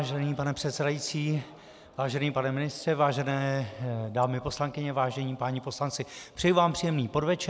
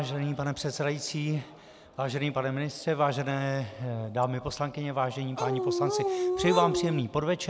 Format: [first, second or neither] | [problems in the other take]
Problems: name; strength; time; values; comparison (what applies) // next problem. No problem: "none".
first | background sound (Dog); 1 dB above the speech